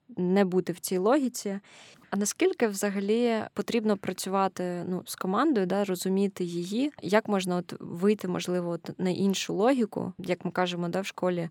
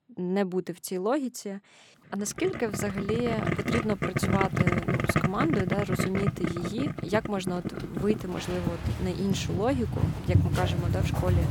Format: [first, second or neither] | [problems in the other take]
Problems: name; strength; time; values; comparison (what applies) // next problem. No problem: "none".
first | household noises; very loud; from 3 s on; 1 dB above the speech